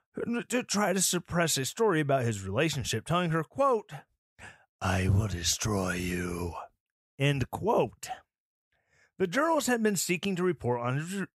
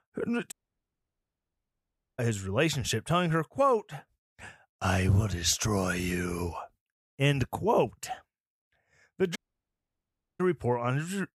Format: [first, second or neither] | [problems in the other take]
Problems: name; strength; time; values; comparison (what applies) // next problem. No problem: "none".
first | audio cutting out; at 0.5 s for 1.5 s and at 9.5 s for 1 s